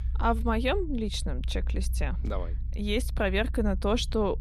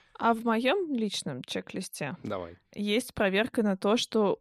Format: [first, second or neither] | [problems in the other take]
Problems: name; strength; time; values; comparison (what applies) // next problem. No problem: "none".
second | low rumble; faint; throughout; 20 dB below the speech